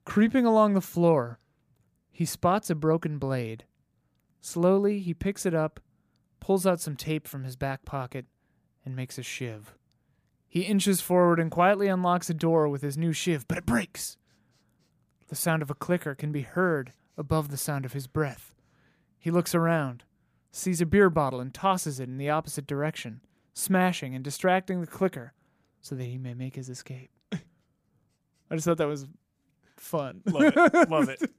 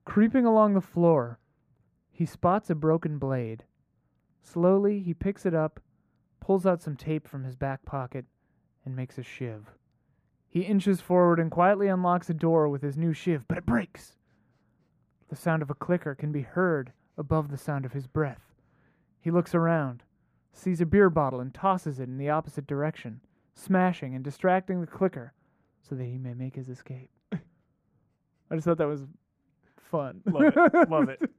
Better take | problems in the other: first | muffled; very; fading above 3 kHz

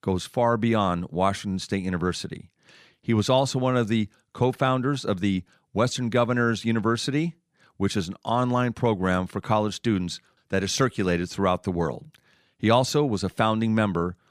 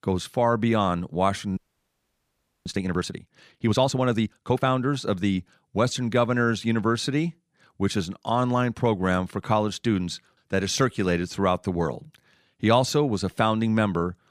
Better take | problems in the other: first | audio freezing; at 1.5 s for 1 s

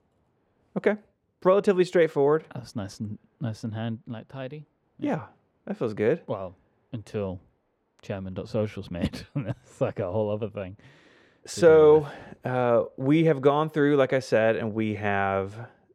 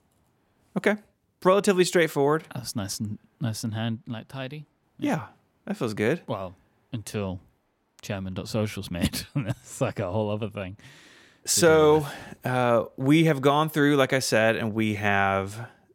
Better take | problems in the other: second | muffled; slightly; fading above 2 kHz

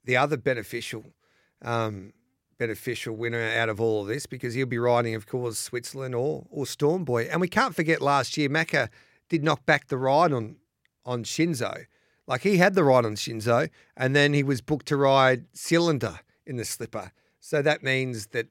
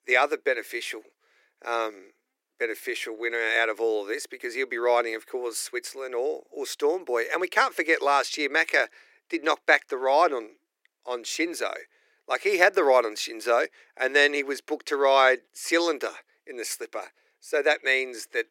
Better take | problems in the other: first | thin; very; fading below 350 Hz

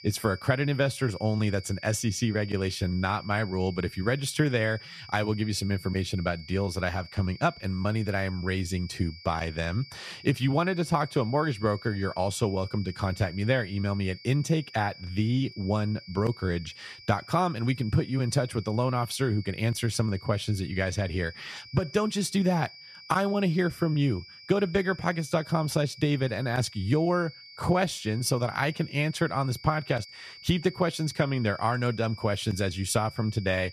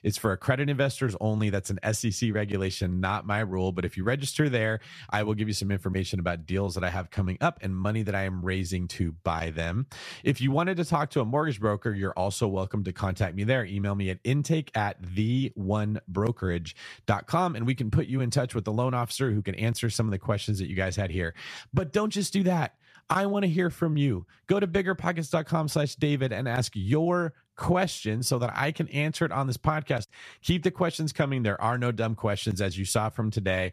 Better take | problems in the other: second | high-pitched whine; noticeable; throughout; 5 kHz, 15 dB below the speech

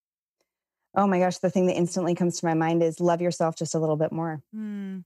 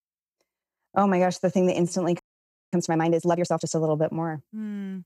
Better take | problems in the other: first | audio freezing; at 2 s for 0.5 s

